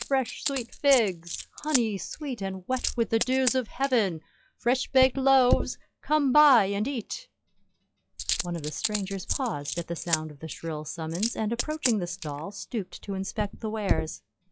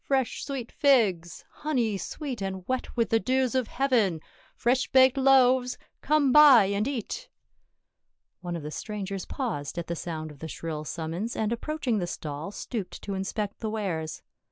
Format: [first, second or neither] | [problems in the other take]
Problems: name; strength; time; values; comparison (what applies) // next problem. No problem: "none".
second | noise reduction (classical method log-MMSE)